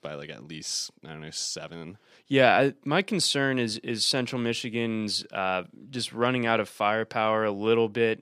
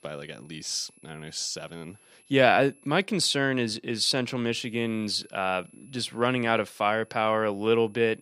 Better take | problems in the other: first | high-pitched whine; faint; until 3 s and from 4.5 s on; 11 kHz, 30 dB below the speech

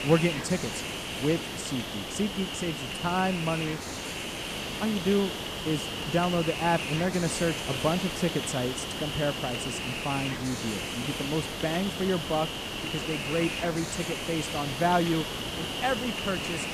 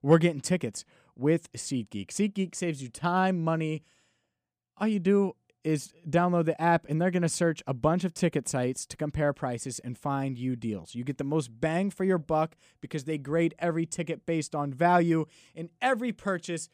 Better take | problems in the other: second | hiss; loud; throughout; 2 dB below the speech

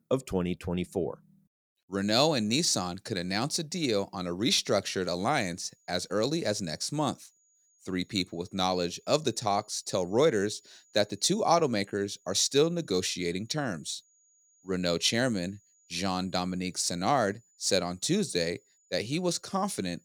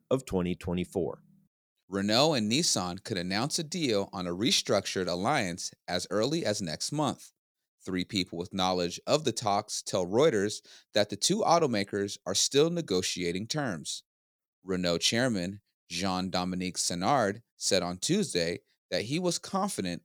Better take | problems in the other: second | high-pitched whine; faint; from 5 s on; 7 kHz, 35 dB below the speech

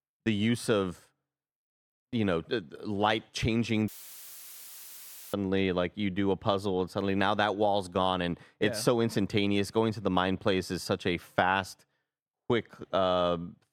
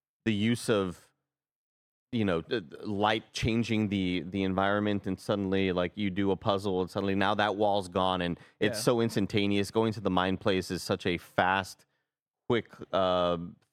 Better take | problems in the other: second | audio cutting out; filled with static; at 4 s for 1.5 s

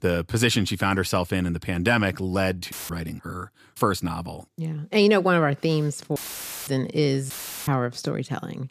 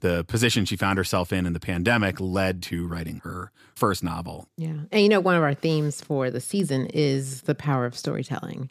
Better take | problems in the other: second | audio cutting out; filled with static; at 2.5 s, at 6 s for 0.5 s and at 7.5 s

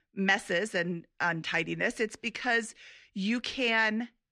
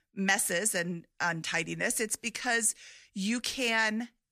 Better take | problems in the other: second | muffled; slightly; fading above 3 kHz

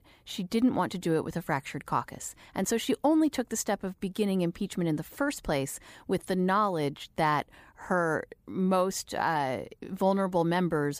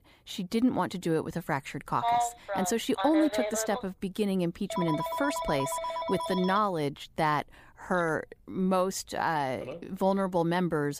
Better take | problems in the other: first | phone ringing; loud; from 2 to 10 s; peak 2 dB above the speech

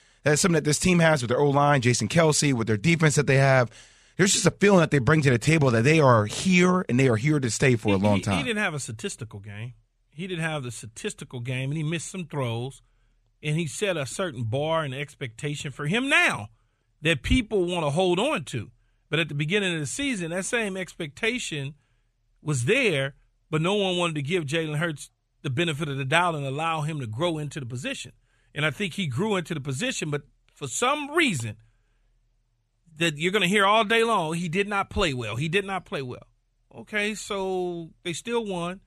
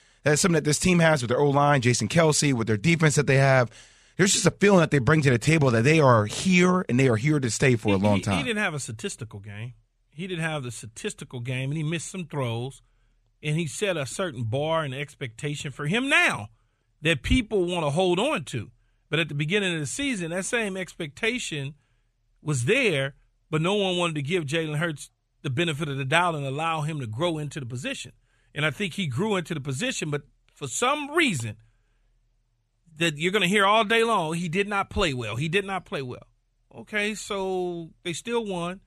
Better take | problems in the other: neither | none

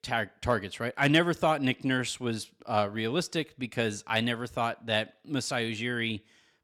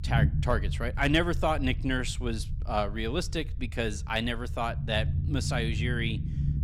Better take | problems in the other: first | low rumble; noticeable; throughout; 15 dB below the speech

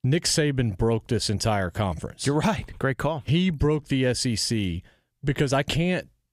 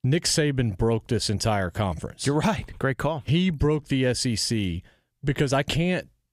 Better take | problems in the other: neither | none

